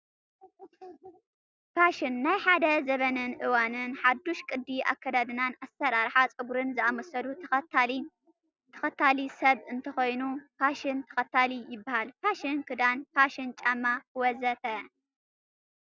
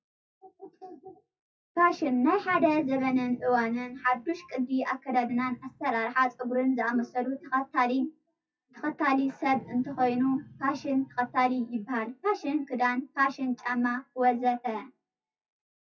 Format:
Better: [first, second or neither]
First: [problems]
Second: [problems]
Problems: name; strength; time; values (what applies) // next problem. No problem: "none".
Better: first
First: none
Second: noise reduction (classical method WPE with log-MMSE)